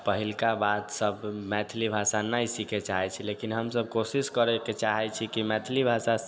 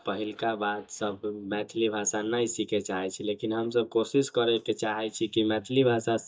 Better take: first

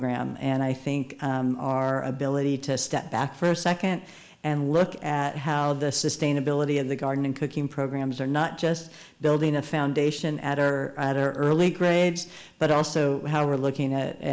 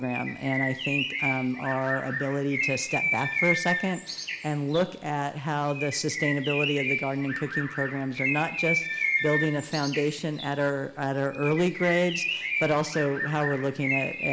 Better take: first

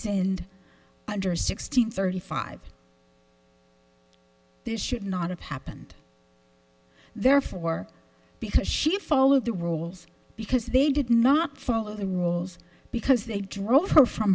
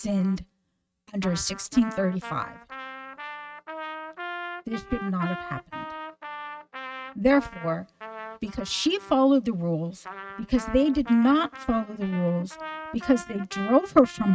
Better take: first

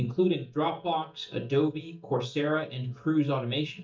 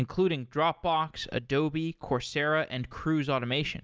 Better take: second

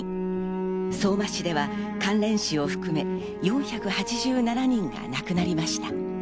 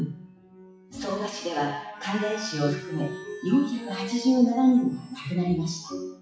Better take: first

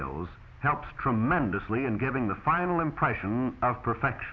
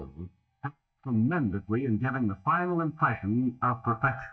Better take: first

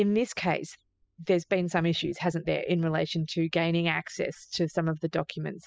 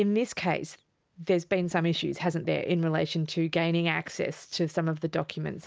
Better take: second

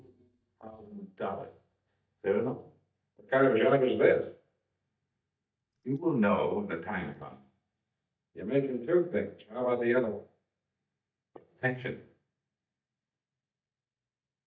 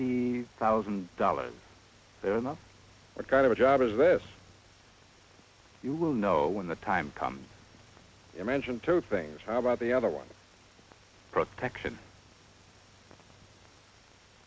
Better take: second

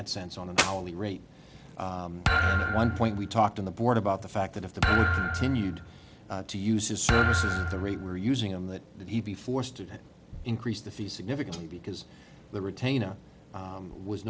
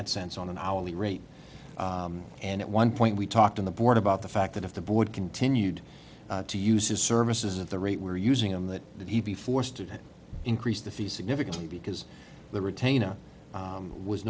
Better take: second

